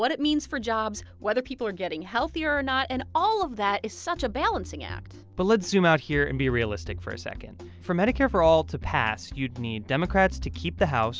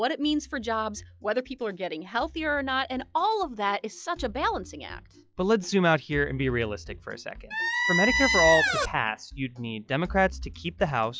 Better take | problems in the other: first | noise reduction (classical method log-MMSE)

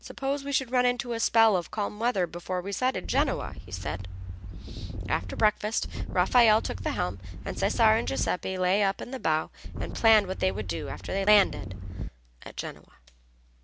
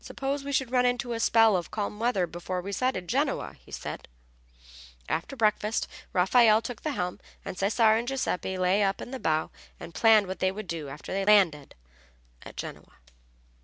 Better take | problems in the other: second | background sound (Wind); 6 dB below the speech

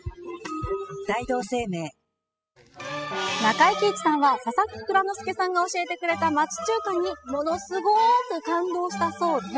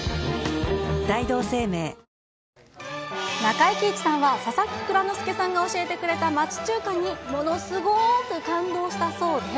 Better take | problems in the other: second | noise reduction (classical method spectral subtraction)

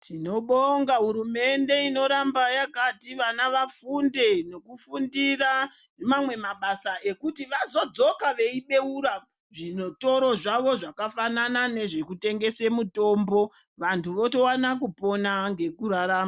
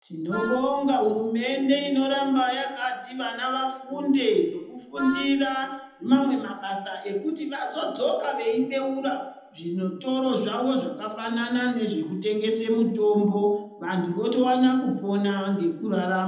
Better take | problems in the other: first | background sound (Wind instrument, woodwind instrument); 11 dB below the speech // room echo; dies away in 0.8 s

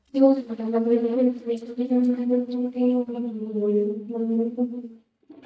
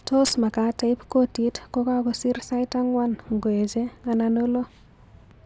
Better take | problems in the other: second | noise reduction (neural mask model DeepFilterNet 3)

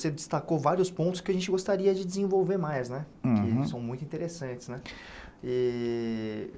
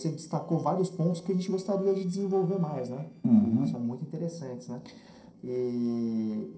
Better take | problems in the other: first | noise reduction (neural separator model SepFormer DNS4)

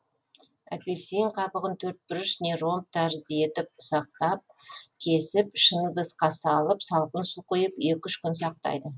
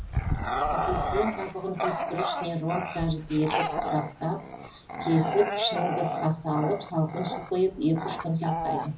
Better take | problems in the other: first | background sound (Bark / Growling); 2 dB below the speech // room echo; dies away in 0.4 s

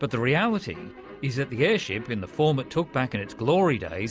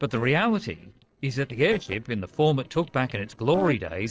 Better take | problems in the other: first | noise reduction (neural separator model SepFormer DNS4)

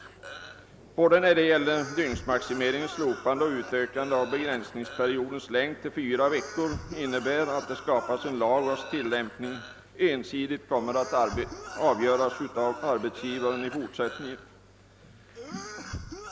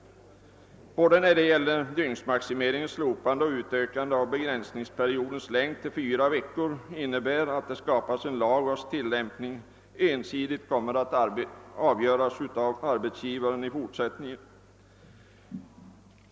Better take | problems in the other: second | background sound (Cough); 14 dB below the speech

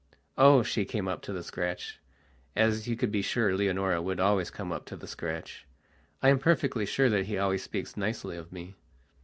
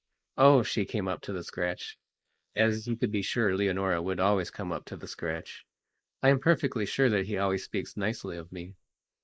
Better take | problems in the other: first | noise reduction (neural mask model Resemble Enhance denoiser)

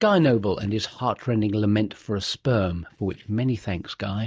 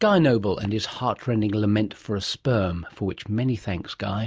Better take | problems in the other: second | noise reduction (neural mask model DeepFilterNet 3)

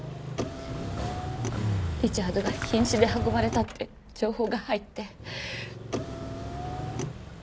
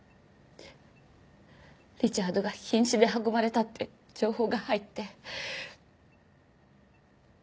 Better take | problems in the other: second | background sound (Car + Motorcycle); 2 dB below the speech

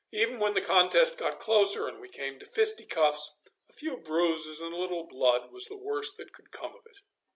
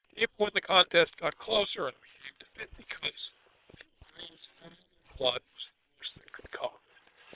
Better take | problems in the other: first | noise reduction (neural separator model SepFormer WHAM!)

